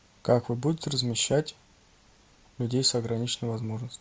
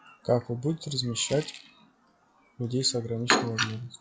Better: first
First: none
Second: noise reduction (classical method log-MMSE)

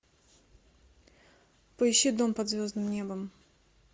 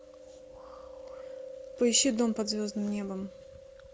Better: first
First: none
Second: background sound (Chewing, mastication); 14 dB below the speech

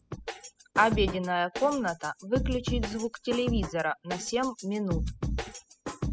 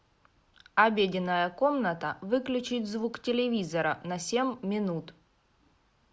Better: second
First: noise reduction (classical method spectral subtraction)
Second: none

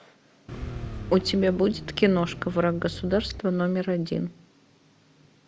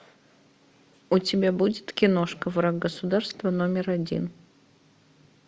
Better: second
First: background sound (Car); 10 dB below the speech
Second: none

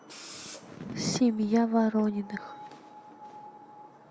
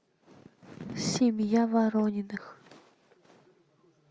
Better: second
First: background sound (Screech); 18 dB below the speech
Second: none

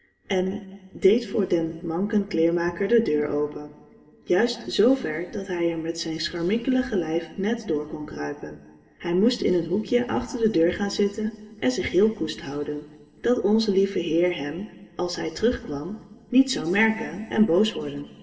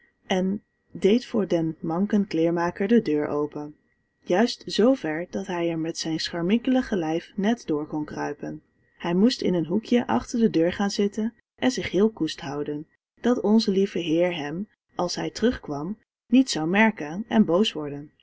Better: second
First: room echo; dies away in 2.2 s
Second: none

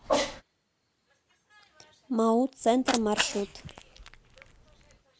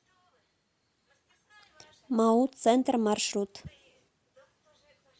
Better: second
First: background sound (Cat); 6 dB below the speech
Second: none

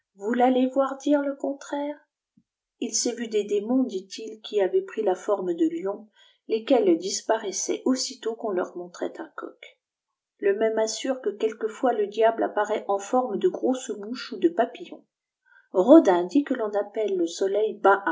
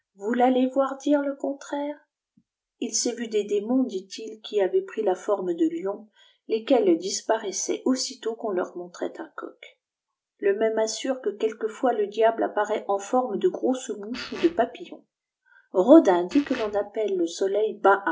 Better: first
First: none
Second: background sound (Fart); 16 dB below the speech

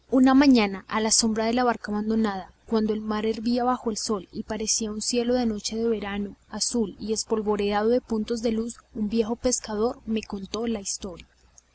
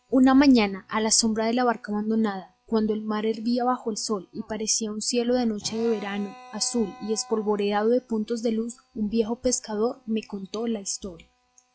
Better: first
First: none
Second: noise reduction (classical method log-MMSE)

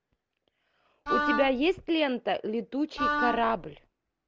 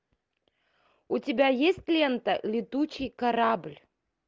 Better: second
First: background sound (Wind instrument, woodwind instrument); 1 dB below the speech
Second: none

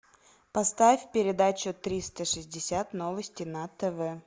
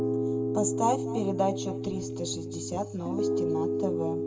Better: first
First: none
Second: background sound (Piano); 2 dB above the speech // room echo; dies away in 1.9 s

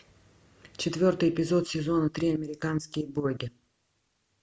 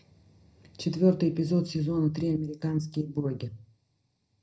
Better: first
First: none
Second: room echo; dies away in 0.4 s

